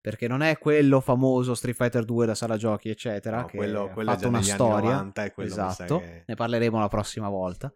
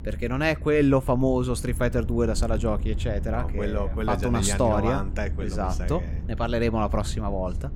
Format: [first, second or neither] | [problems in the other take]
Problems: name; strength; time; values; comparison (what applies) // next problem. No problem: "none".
first | low rumble; noticeable; throughout; 20 dB below the speech